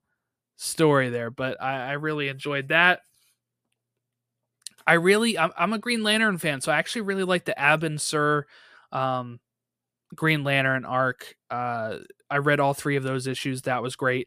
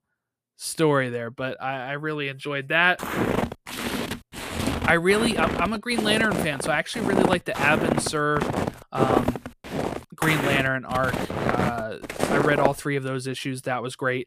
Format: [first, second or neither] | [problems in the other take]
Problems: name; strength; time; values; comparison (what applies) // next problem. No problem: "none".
first | footsteps; loud; from 3 to 13 s; peak 2 dB above the speech